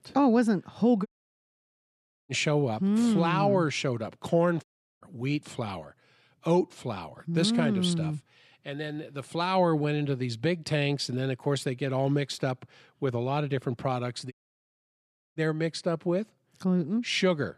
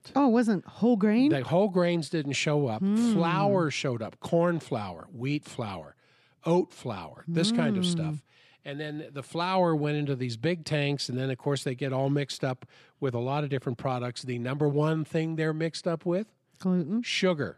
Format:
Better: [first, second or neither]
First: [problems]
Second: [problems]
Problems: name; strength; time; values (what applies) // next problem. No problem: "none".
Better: second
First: audio cutting out; at 1 s for 1 s, at 4.5 s and at 14 s for 1 s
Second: none